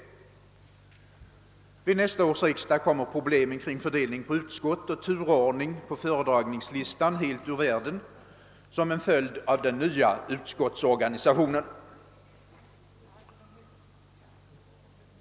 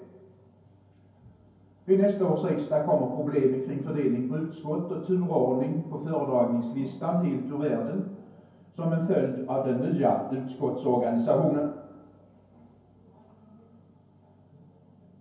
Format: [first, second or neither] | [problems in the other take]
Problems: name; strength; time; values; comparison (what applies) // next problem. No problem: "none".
first | room echo; dies away in 0.9 s